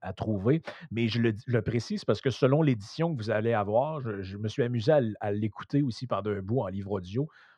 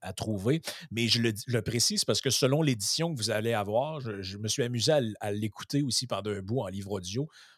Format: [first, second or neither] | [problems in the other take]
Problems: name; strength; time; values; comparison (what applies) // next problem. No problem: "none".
second | muffled; very; fading above 2 kHz